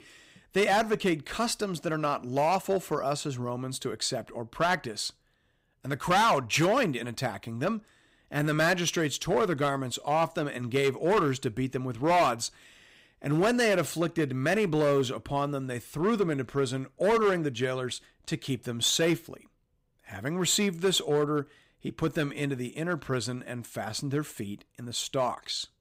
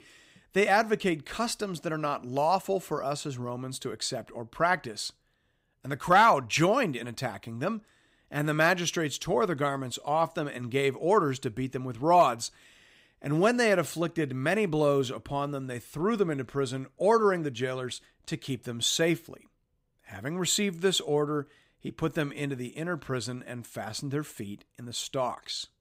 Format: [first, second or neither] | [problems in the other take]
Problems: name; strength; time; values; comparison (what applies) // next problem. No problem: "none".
second | distortion; slight; 5% of the sound clipped